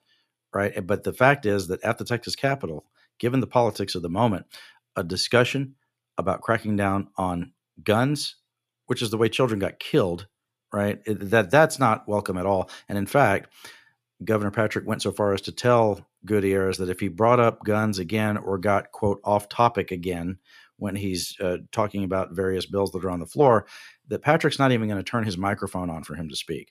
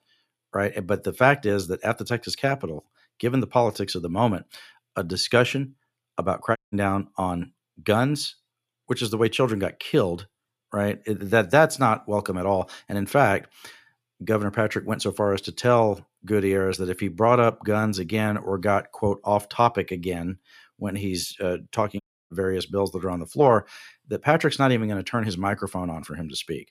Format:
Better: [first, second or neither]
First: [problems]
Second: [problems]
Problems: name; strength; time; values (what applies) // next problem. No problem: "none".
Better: first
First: none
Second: audio cutting out; at 6.5 s and at 22 s